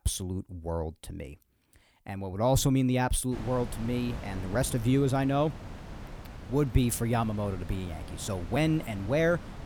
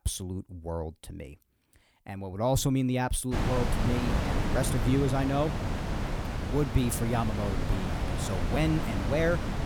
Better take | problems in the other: first | wind noise on the microphone; heavy; from 3.5 s on; 3 dB below the speech; occasional gusts in the first

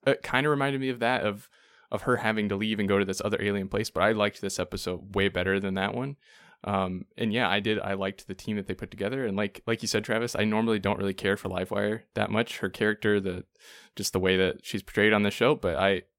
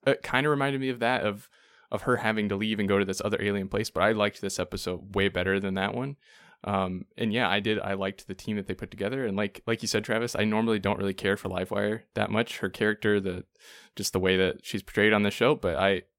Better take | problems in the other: neither | none

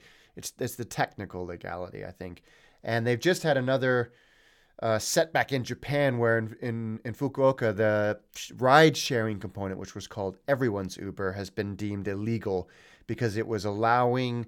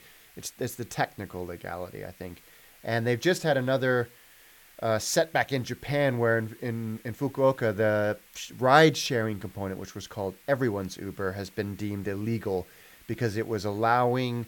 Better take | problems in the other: first | hiss; faint; throughout; 25 dB below the speech

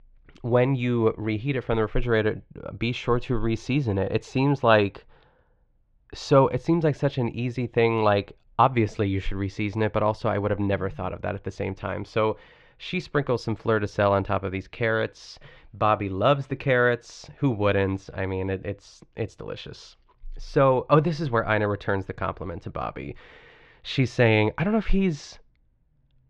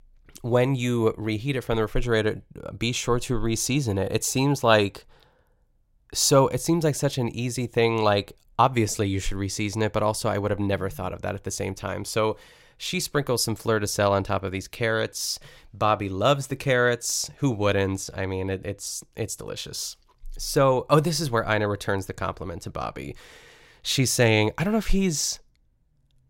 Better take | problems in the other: second | muffled; very; fading above 3 kHz

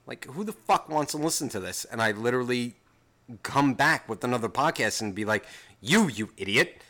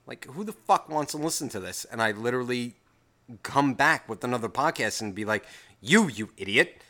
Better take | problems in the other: second | distortion; slight; 1.9% of the sound clipped

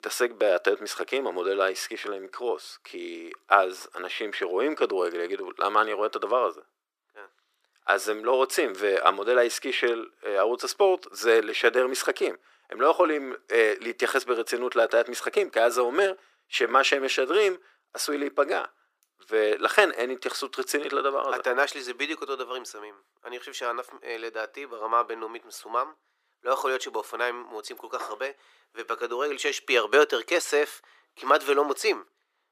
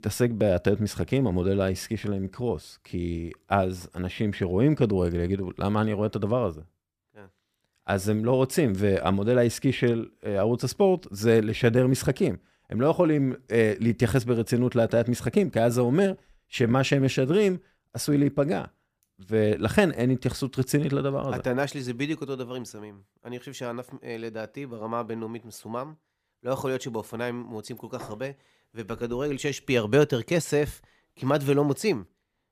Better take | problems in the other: second | thin; very; fading below 350 Hz

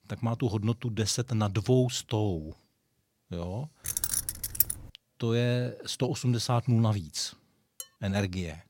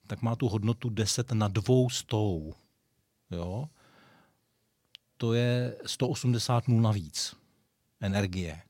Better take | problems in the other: second | jangling keys; loud; at 4 s; peak 3 dB above the speech // clattering dishes; very faint; at 8 s; peak 15 dB below the speech

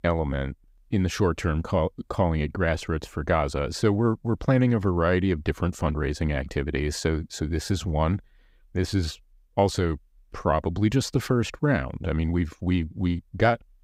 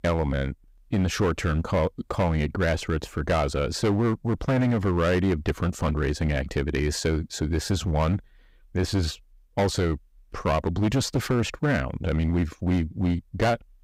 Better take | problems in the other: first | distortion; slight; 9% of the sound clipped

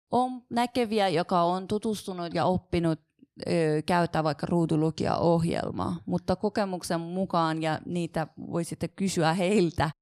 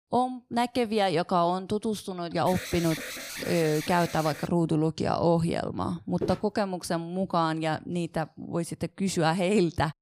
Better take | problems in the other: first | alarm; noticeable; from 2.5 to 4.5 s; peak 7 dB below the speech // footsteps; noticeable; at 6 s; peak 8 dB below the speech

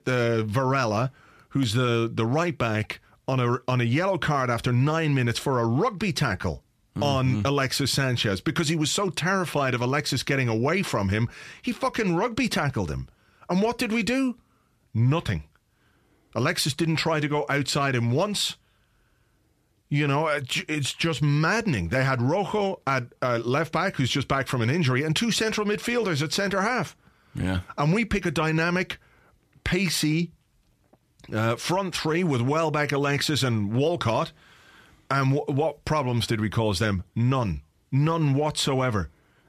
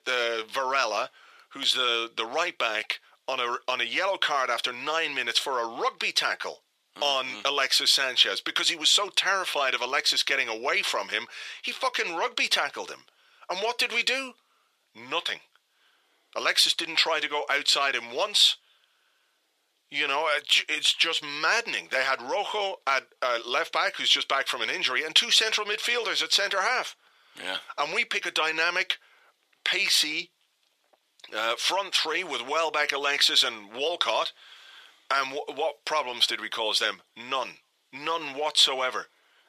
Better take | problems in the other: first | thin; very; fading below 500 Hz

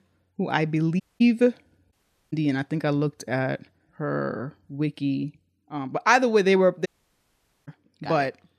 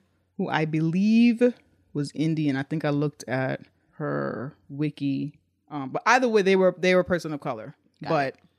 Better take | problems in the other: second | audio cutting out; at 1 s, at 2 s and at 7 s for 1 s

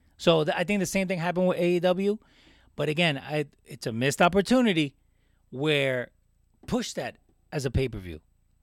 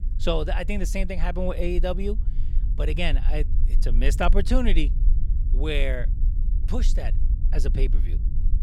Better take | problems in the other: first | low rumble; noticeable; throughout; 15 dB below the speech

